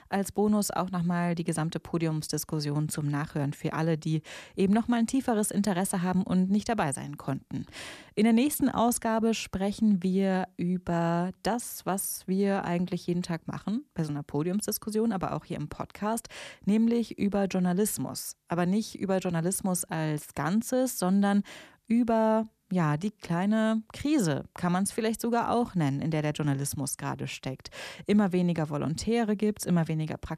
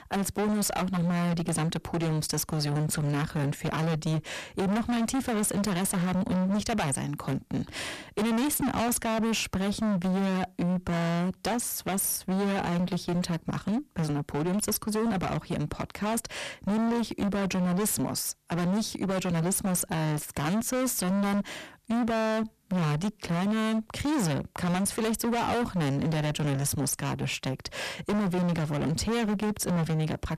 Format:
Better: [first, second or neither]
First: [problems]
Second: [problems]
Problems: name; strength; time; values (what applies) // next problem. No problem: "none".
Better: first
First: none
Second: distortion; heavy; 33% of the sound clipped